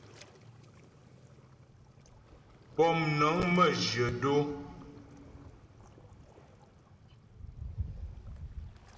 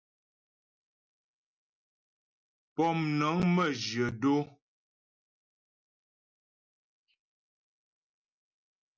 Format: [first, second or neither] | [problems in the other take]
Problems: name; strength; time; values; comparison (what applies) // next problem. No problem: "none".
second | background sound (Waves, surf); 14 dB below the speech // room echo; dies away in 1.7 s